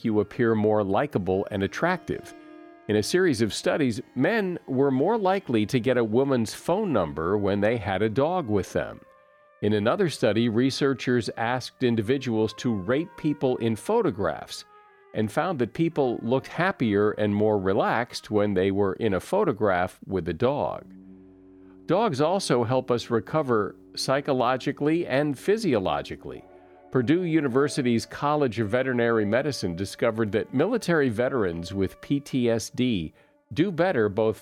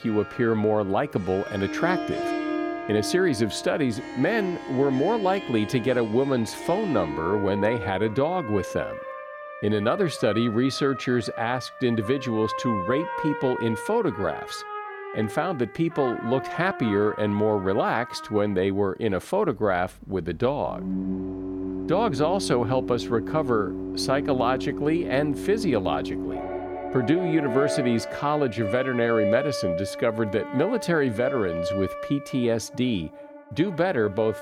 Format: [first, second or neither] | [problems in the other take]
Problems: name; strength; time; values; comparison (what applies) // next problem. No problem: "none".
first | background music; loud; throughout; 7 dB below the speech; faint in the first